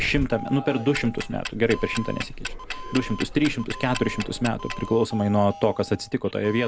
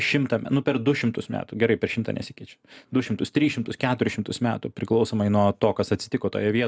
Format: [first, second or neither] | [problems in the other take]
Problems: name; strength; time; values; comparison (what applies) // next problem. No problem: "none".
second | background sound (Doorbell + Tick-tock); 10 dB below the speech